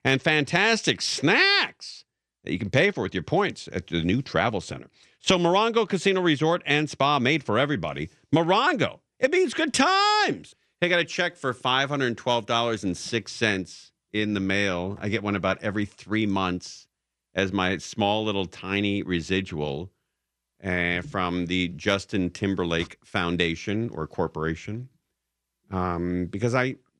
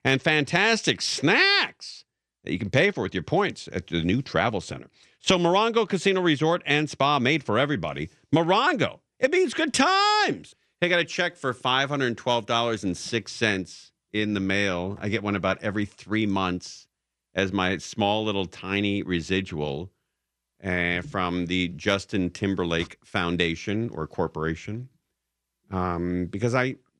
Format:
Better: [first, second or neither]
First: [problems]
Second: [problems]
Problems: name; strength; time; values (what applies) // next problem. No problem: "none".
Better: neither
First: none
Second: none